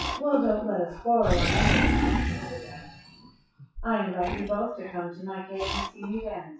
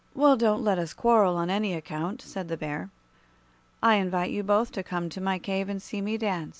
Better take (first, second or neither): second